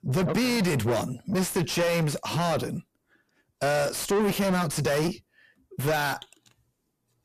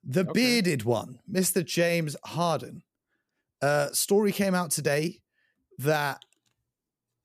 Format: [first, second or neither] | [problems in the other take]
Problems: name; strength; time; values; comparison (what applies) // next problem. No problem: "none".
second | distortion; heavy; 5 dB below the speech